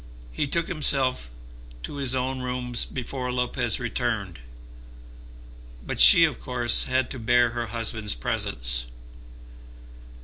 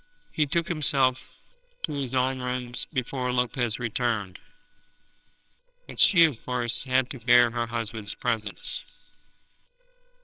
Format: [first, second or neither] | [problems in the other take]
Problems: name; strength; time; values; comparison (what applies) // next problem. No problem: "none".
first | noise reduction (neural separator model SepFormer WHAMR!)